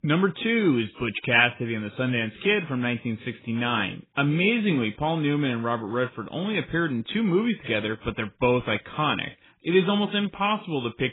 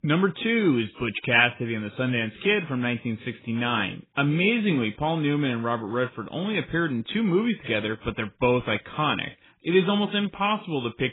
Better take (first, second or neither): neither